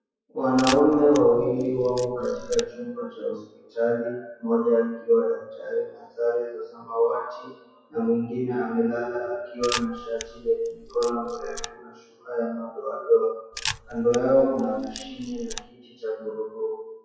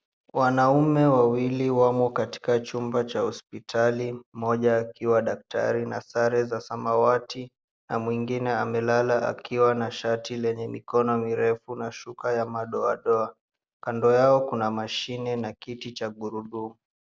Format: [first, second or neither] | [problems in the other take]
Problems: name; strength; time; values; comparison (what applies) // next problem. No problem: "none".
second | noise reduction (classical method WPE with log-MMSE)